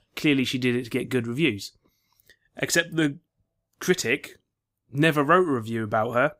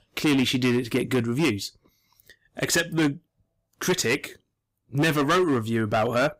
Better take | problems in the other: first | distortion; heavy; 10% of the sound clipped

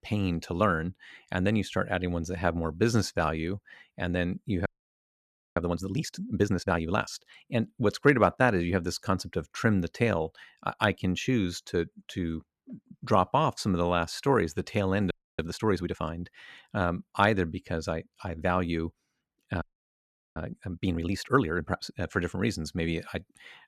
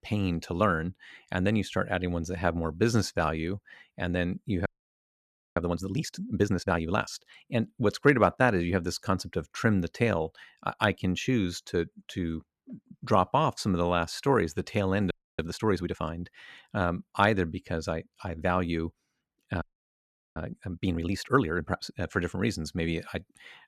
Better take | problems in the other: neither | audio freezing; at 4.5 s for 1 s, at 15 s and at 20 s for 0.5 s; the same in both

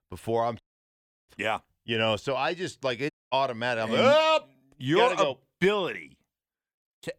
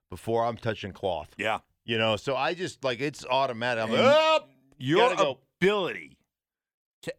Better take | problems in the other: second | audio cutting out; at 0.5 s for 0.5 s and at 3 s

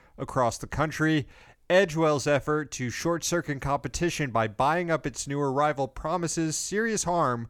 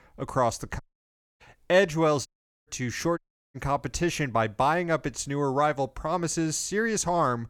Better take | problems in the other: first | audio cutting out; at 1 s for 0.5 s, at 2.5 s and at 3 s

